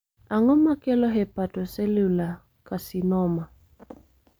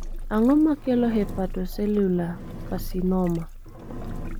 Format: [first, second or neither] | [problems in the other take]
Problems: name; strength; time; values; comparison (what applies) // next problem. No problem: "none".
first | background sound (Engine); 8 dB below the speech